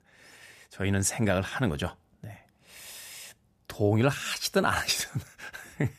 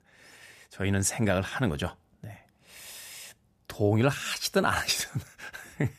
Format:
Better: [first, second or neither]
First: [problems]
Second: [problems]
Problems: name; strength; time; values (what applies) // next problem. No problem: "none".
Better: neither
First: none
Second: none